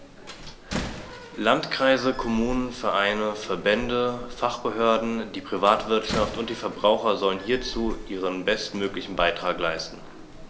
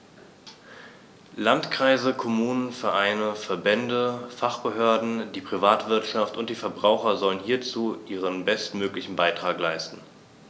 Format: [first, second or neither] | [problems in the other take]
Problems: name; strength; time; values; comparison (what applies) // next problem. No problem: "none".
second | background sound (Slam); 12 dB below the speech